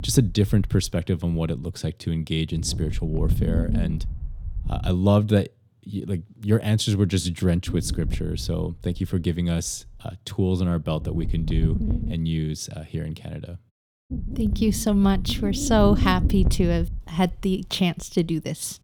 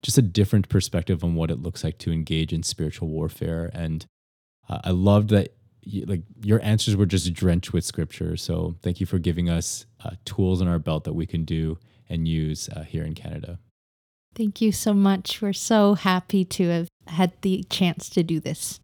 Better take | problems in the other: second | wind noise on the microphone; occasional gusts; until 5 s, from 7.5 to 12 s and from 14 s on; 10 dB below the speech

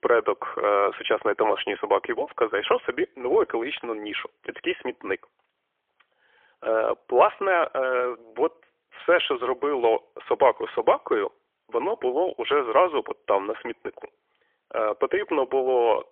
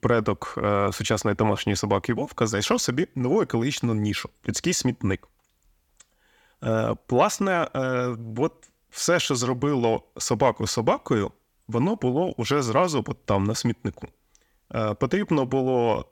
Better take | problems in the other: second | phone-call audio; poor line; nothing above 3.5 kHz

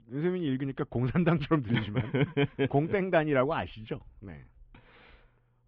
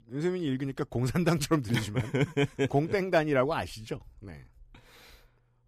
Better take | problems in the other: second | muffled; very; fading above 3 kHz

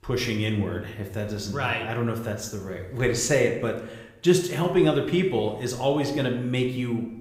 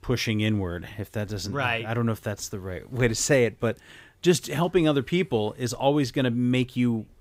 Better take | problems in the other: second | room echo; slight; dies away in 0.7 s // off-mic speech; somewhat distant

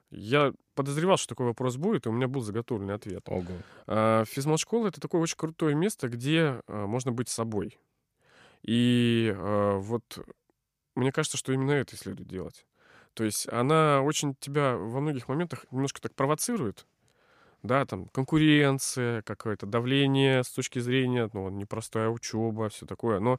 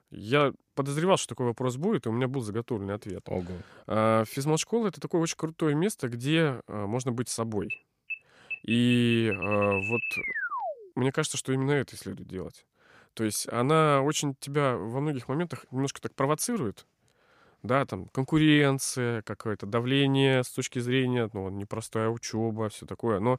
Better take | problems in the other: first | alarm; noticeable; from 7.5 to 11 s; peak 1 dB below the speech

